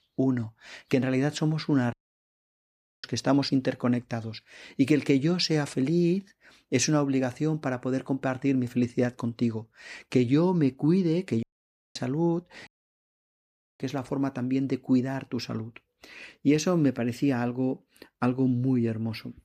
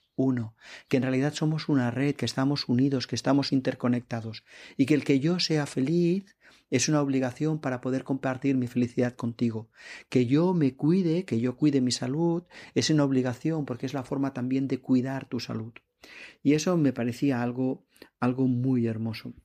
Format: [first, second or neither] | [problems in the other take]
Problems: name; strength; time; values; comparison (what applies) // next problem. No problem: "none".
second | audio cutting out; at 2 s for 1 s, at 11 s for 0.5 s and at 13 s for 1 s